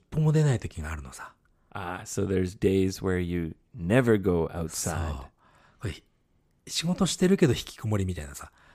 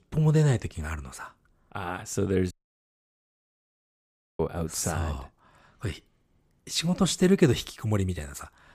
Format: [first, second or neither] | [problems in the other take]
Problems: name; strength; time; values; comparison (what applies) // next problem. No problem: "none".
first | audio cutting out; at 2.5 s for 2 s